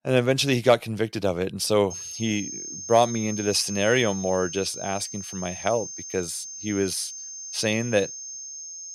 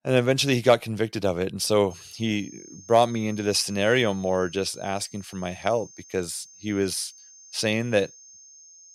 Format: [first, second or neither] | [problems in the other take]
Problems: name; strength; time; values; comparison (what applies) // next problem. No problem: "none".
second | high-pitched whine; loud; from 2 s on; 6.5 kHz, 9 dB below the speech; faint in the second